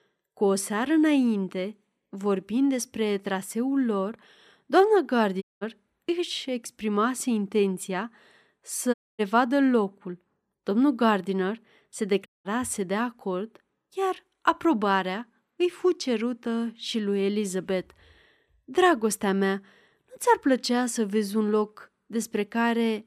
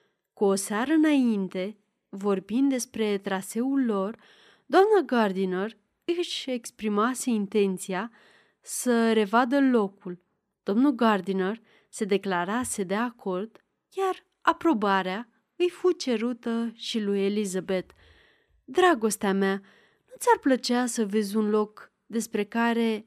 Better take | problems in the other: second | audio cutting out; at 5.5 s, at 9 s and at 12 s

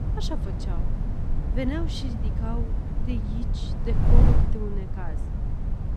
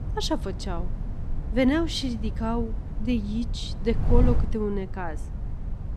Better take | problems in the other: second | wind noise on the microphone; heavy; 2 dB below the speech; occasional gusts in the second

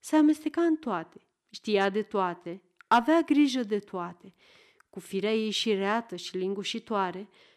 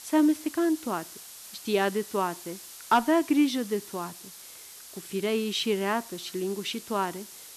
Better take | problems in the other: first | hiss; noticeable; throughout; 15 dB below the speech

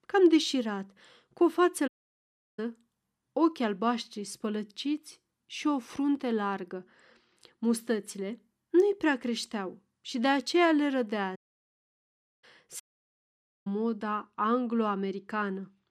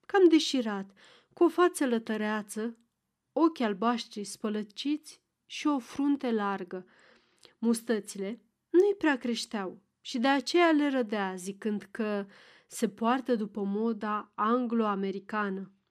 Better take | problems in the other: second | audio cutting out; at 2 s for 0.5 s, at 11 s for 1 s and at 13 s for 1 s

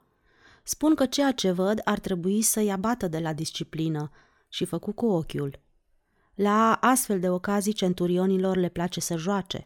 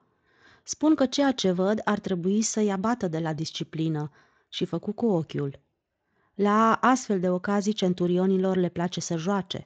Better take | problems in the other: first | garbled, watery; slightly; nothing above 7.5 kHz

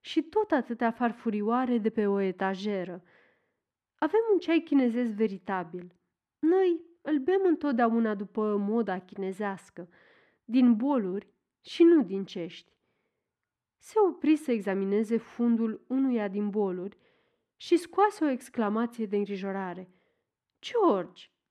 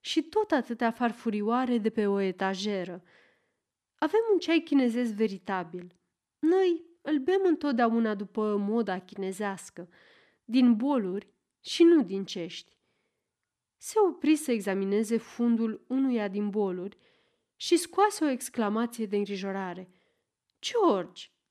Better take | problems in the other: second | muffled; slightly; fading above 3.5 kHz

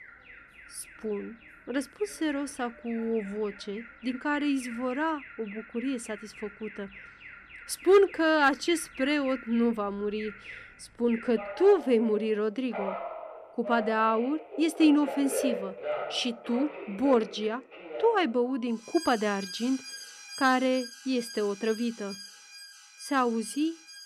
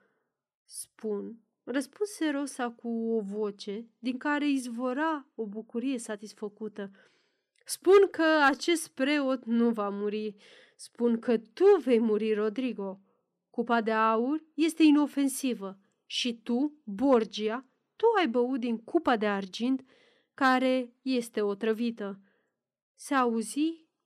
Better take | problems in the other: second | alarms or sirens; noticeable; throughout; 15 dB below the speech

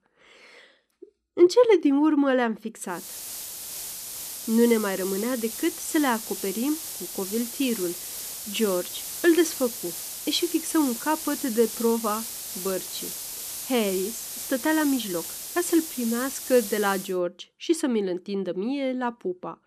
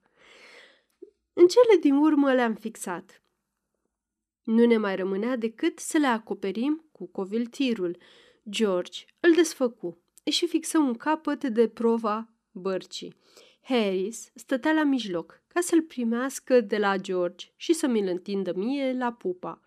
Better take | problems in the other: second | hiss; loud; from 3 to 17 s; 7 dB below the speech

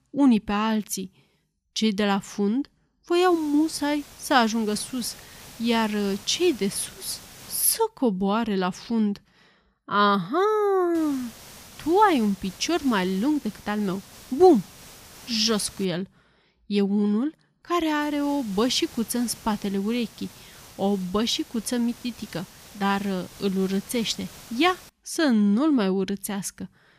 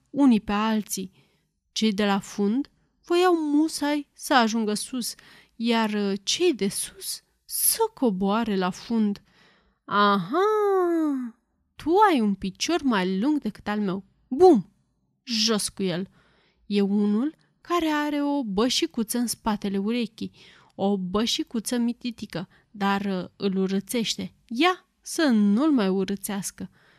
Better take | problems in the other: second | hiss; noticeable; from 3.5 to 7.5 s, from 11 to 16 s and from 18 to 25 s; 20 dB below the speech

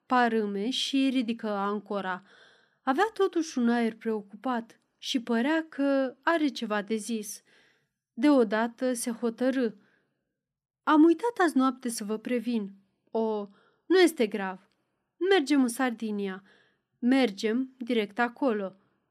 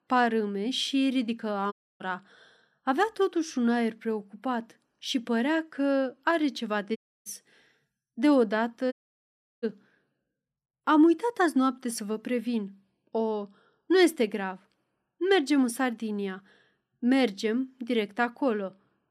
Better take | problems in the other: first | audio cutting out; at 1.5 s, at 7 s and at 9 s for 0.5 s

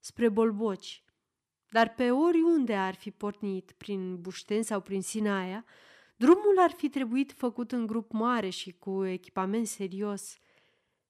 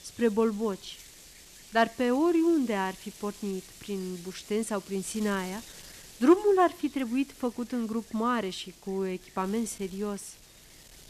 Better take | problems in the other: first | wind noise on the microphone; occasional gusts; 20 dB below the speech

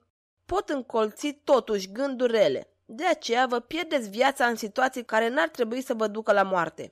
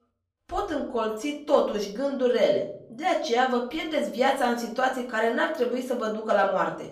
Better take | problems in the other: first | room echo; slight; dies away in 0.6 s // off-mic speech; far

